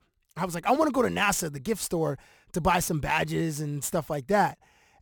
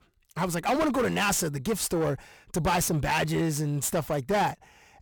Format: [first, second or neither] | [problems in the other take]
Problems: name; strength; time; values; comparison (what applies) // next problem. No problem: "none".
first | distortion; heavy; 8 dB below the speech